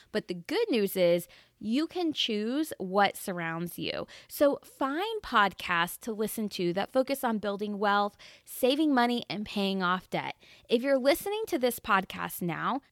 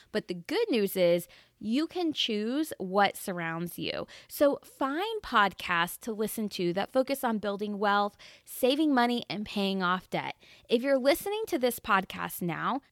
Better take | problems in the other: neither | none

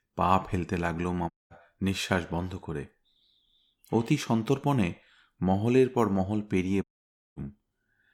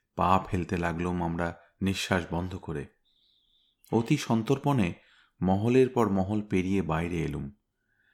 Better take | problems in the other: second | audio cutting out; at 1.5 s and at 7 s for 0.5 s

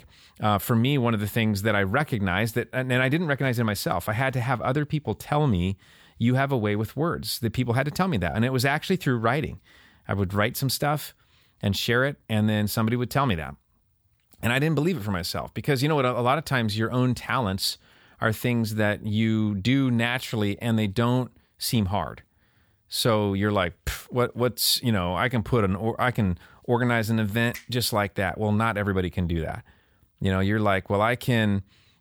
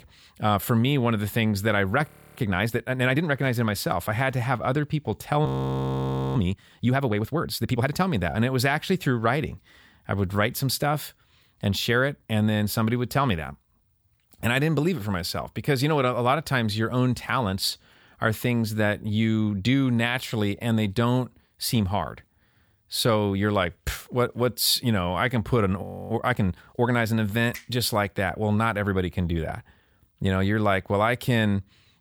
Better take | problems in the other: first | audio freezing; at 2 s, at 5.5 s for 1 s and at 26 s

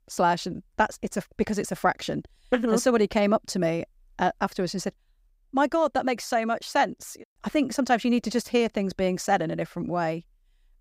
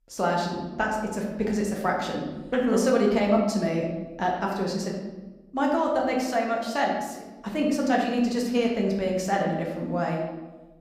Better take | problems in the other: first | room echo; noticeable; dies away in 1 s // off-mic speech; somewhat distant

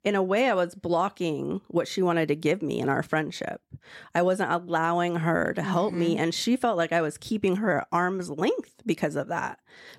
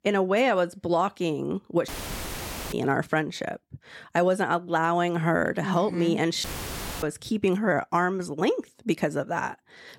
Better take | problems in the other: first | audio cutting out; filled with static; at 2 s for 1 s and at 6.5 s for 0.5 s

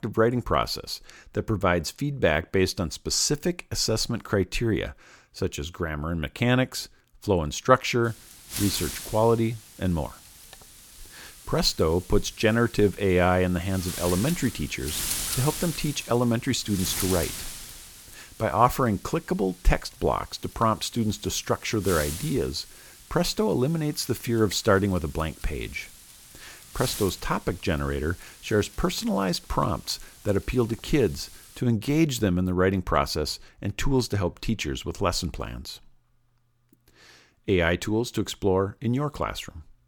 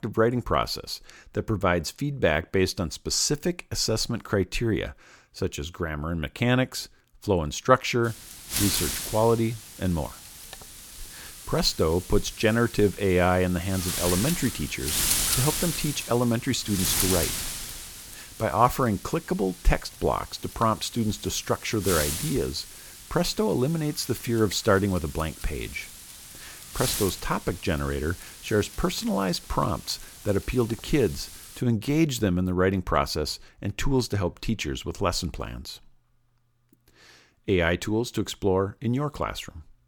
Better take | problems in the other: first | wind noise on the microphone; heavy; from 8 to 32 s; 6 dB below the speech; occasional gusts in the first

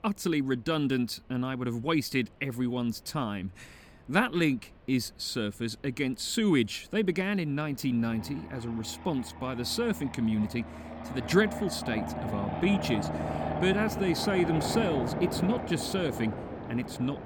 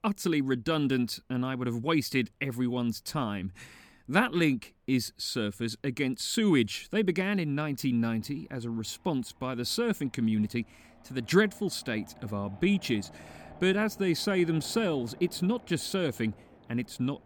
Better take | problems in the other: second | train or aircraft noise; loud; throughout; 6 dB below the speech; faint in the second

